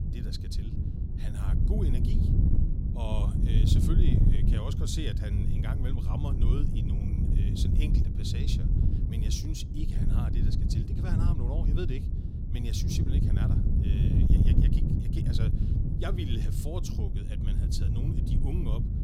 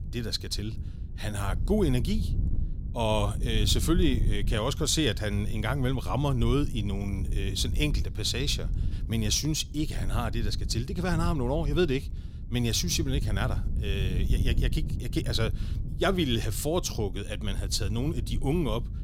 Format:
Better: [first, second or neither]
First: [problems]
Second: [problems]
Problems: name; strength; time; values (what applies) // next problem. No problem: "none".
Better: second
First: wind noise on the microphone; heavy; 1 dB above the speech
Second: wind noise on the microphone; occasional gusts; 15 dB below the speech